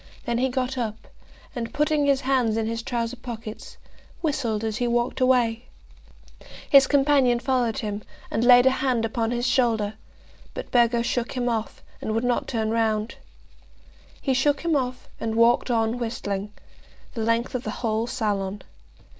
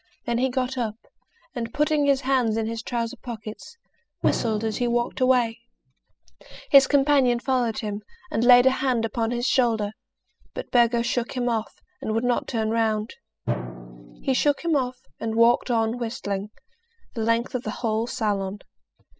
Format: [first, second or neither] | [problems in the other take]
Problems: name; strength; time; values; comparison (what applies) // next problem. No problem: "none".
first | noise reduction (classical method spectral subtraction)